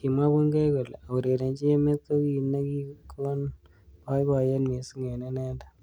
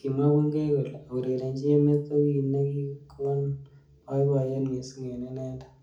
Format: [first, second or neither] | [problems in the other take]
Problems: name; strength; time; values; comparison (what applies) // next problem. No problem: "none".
first | room echo; dies away in 0.4 s